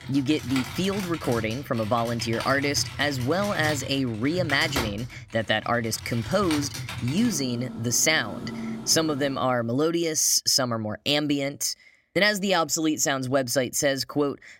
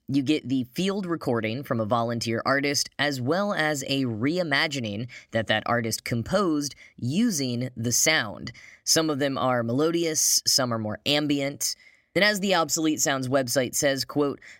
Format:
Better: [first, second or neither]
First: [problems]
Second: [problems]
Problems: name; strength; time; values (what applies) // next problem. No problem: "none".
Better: second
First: household noises; noticeable; until 9.5 s; 10 dB below the speech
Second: none